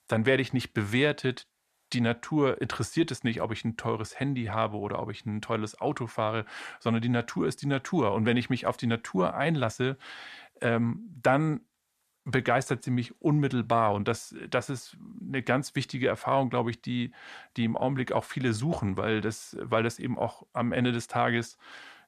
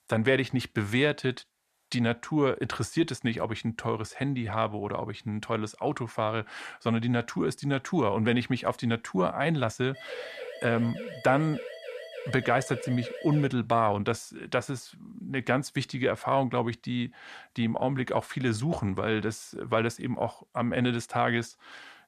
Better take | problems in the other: first | siren; faint; from 10 to 13 s; peak 10 dB below the speech

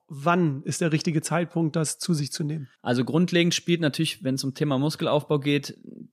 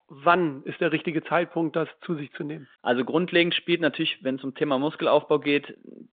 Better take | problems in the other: first | phone-call audio

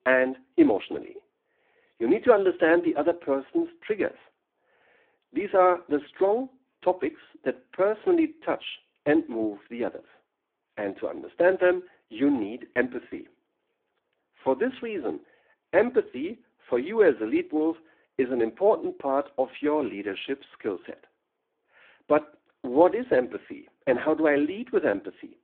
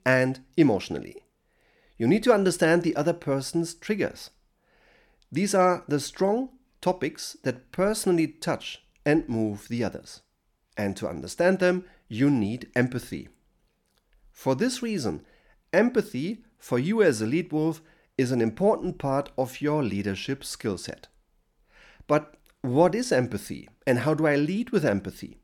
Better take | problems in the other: second | phone-call audio; poor line

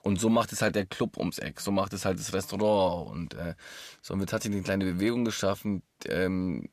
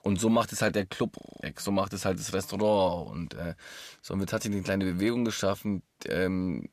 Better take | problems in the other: first | audio freezing; at 1 s

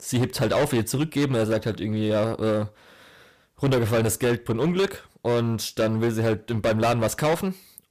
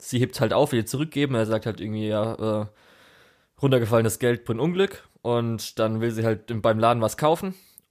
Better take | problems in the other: second | distortion; heavy; 12% of the sound clipped

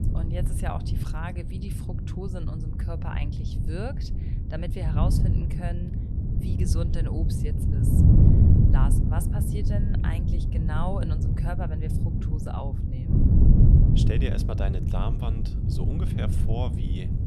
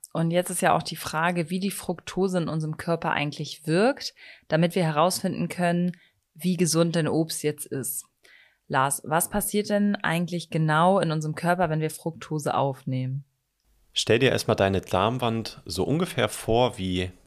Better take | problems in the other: second | wind noise on the microphone; heavy; 1 dB above the speech

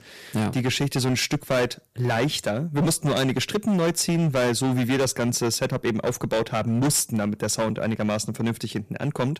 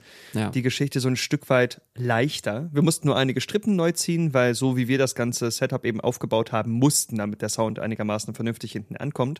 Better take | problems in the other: second | distortion; heavy; 15% of the sound clipped

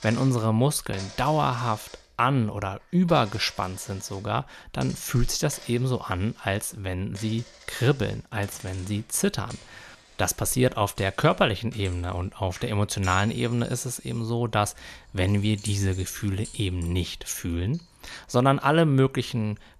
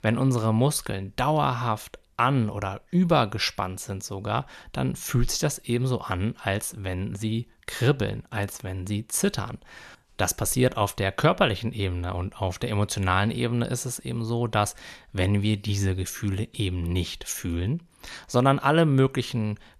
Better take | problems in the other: second | household noises; noticeable; throughout; 20 dB below the speech

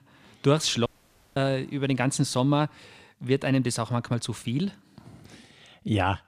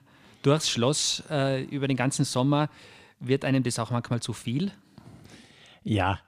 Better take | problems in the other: second | audio cutting out; at 1 s for 0.5 s

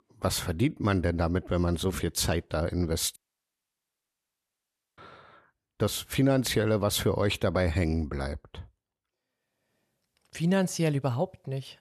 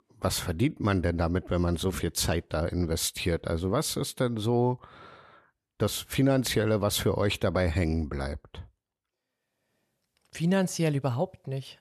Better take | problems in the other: second | audio cutting out; at 3 s for 2 s

